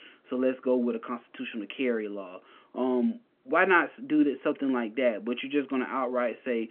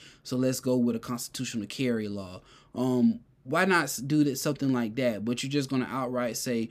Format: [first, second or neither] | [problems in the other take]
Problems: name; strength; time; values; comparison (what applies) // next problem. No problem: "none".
second | phone-call audio